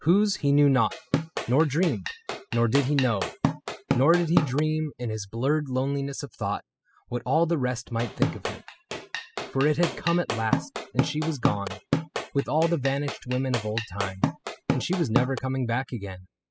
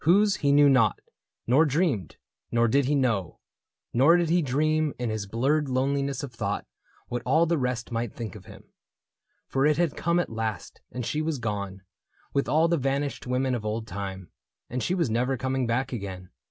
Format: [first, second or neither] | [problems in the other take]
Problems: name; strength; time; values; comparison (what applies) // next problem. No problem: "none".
second | noise reduction (classical method spectral subtraction)